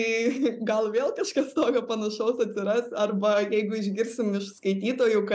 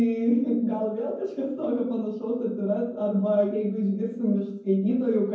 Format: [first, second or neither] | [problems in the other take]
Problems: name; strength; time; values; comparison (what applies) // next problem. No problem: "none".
first | room echo; dies away in 0.9 s